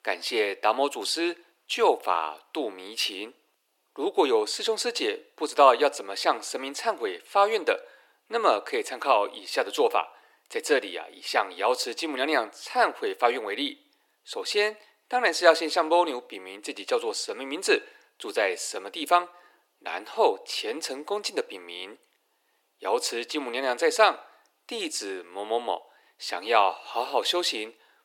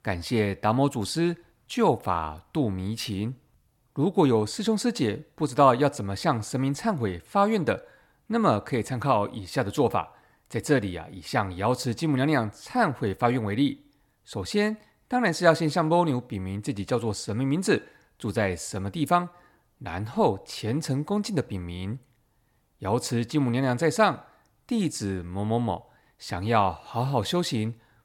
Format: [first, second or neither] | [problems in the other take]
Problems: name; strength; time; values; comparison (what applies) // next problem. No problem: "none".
second | thin; very; fading below 350 Hz